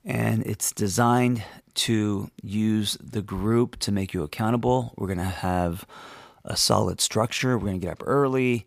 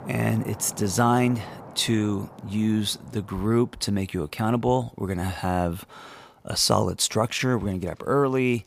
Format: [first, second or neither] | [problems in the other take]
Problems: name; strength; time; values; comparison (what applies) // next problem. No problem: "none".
first | rain or running water; noticeable; throughout; 20 dB below the speech